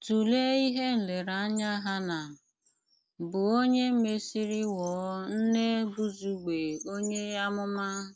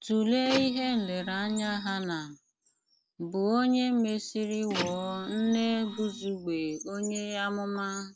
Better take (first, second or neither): first